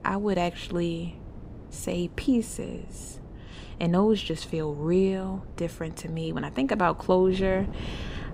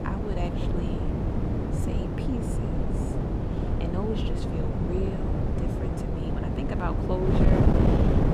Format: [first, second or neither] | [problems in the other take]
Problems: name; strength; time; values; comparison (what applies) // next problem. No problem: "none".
first | wind noise on the microphone; heavy; 4 dB above the speech; occasional gusts in the first